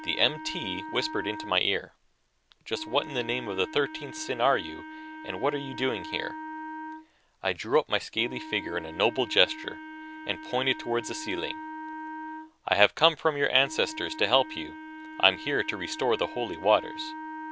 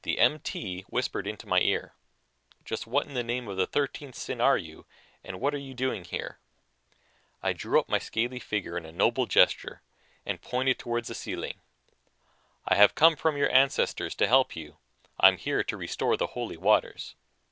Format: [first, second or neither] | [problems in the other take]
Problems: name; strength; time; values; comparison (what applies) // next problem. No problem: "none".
second | background sound (Wind instrument, woodwind instrument); 12 dB below the speech